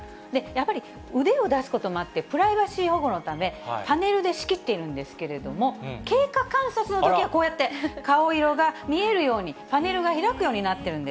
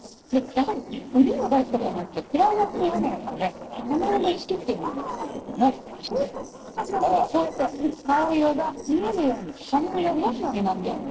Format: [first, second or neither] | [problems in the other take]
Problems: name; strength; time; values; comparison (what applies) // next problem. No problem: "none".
first | noise reduction (neural separator model SepFormer DNS4)